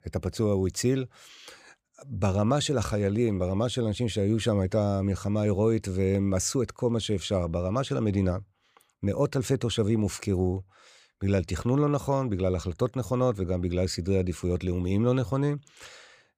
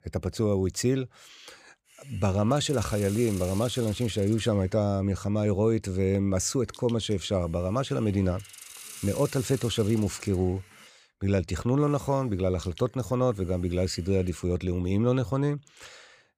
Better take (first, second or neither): first